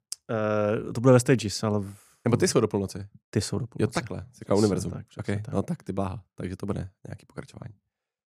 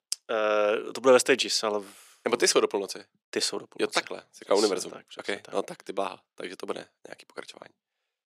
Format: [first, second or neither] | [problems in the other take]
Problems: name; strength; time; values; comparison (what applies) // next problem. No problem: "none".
first | thin; somewhat; fading below 350 Hz